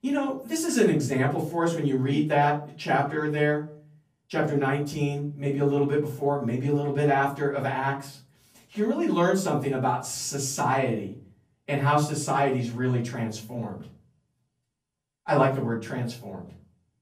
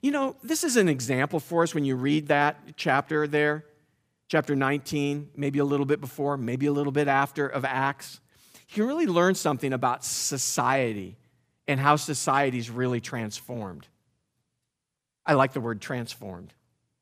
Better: second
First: off-mic speech; far // room echo; slight; dies away in 0.4 s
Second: none

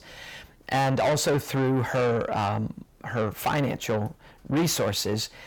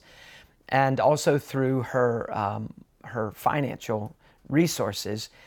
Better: second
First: distortion; heavy; 6 dB below the speech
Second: none

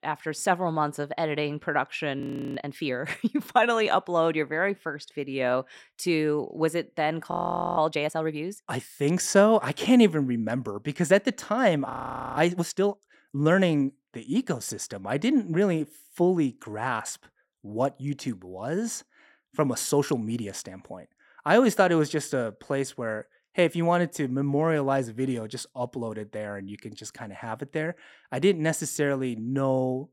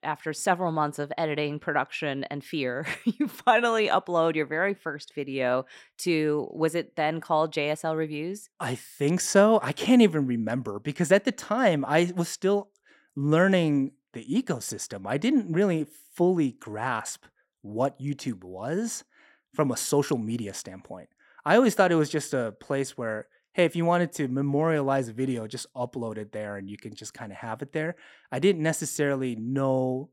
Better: second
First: audio freezing; at 2 s, at 7.5 s and at 12 s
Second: none

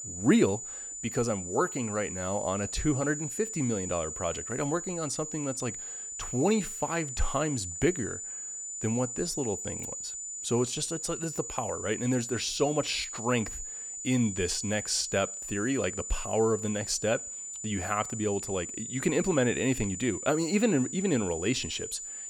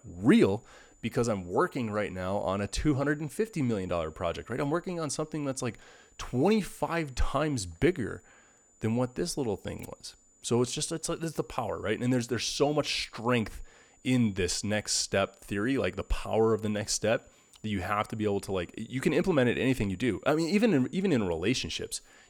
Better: second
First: high-pitched whine; loud; throughout; 7 kHz, 6 dB below the speech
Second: high-pitched whine; faint; throughout; 7 kHz, 30 dB below the speech

